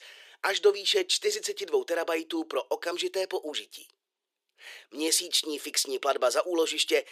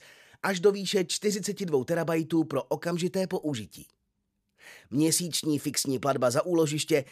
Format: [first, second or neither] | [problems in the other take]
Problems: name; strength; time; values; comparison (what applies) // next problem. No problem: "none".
second | thin; very; fading below 350 Hz